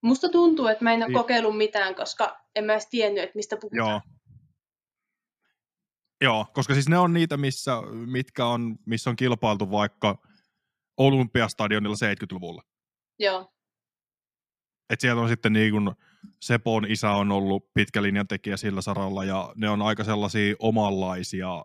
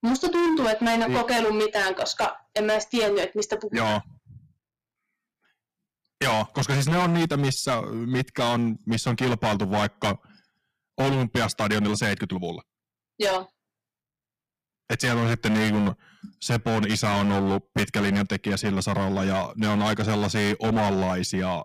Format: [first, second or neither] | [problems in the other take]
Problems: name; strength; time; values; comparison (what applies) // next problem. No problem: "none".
first | distortion; heavy; 18% of the sound clipped